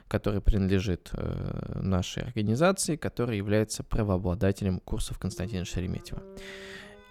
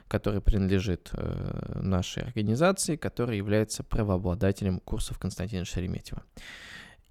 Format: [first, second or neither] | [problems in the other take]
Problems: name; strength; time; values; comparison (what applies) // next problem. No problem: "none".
second | background music; noticeable; from 5 s on; 20 dB below the speech